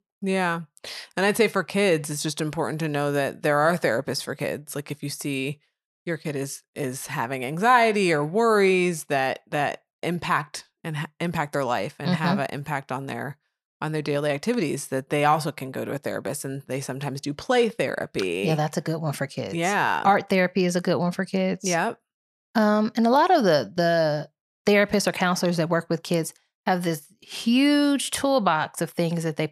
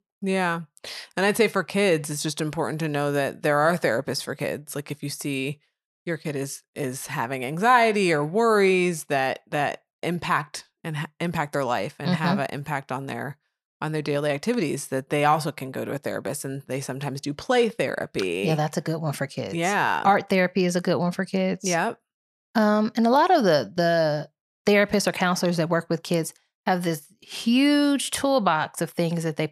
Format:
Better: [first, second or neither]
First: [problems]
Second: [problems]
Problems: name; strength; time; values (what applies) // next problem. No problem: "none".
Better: neither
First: none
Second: none